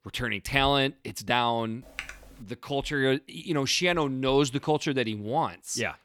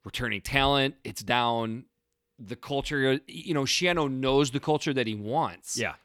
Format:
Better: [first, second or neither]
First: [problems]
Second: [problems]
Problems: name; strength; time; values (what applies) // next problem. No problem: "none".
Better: second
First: keyboard typing; faint; at 2 s; peak 10 dB below the speech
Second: none